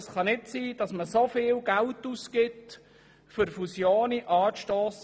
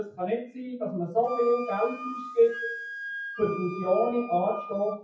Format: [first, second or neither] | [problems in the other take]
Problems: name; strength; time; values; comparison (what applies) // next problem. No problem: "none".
first | noise reduction (classical method WPE with log-MMSE)